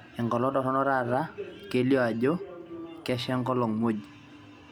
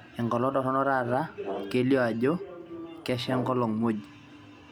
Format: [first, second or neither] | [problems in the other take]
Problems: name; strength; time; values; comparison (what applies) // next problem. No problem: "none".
first | background sound (Brass instrument); 13 dB below the speech